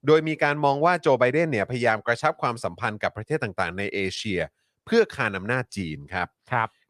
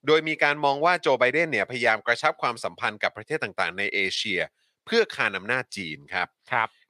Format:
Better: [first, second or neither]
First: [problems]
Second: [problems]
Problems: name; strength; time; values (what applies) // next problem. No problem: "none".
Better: first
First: none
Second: thin; very slightly; fading below 400 Hz